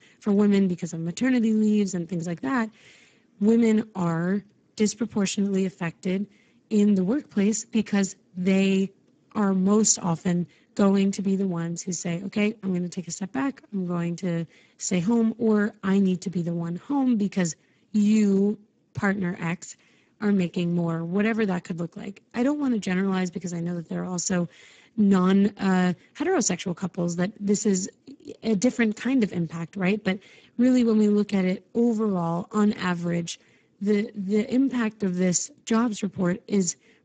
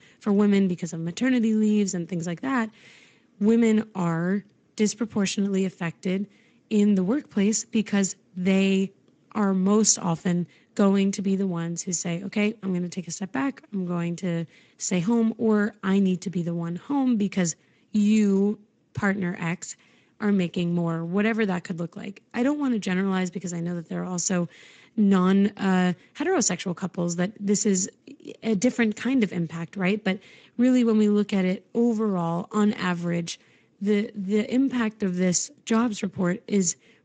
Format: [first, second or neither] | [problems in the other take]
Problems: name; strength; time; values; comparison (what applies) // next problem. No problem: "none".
second | garbled, watery; badly; nothing above 7.5 kHz; slightly in the second